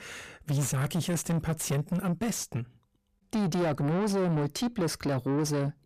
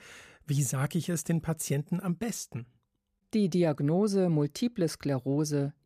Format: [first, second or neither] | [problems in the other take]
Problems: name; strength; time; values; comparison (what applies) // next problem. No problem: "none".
second | distortion; heavy; 7 dB below the speech